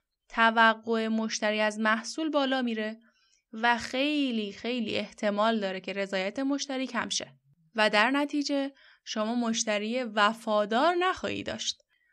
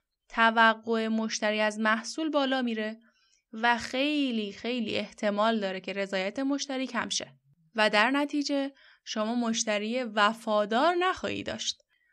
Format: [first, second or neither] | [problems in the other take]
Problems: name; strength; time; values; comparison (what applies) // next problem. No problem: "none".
neither | none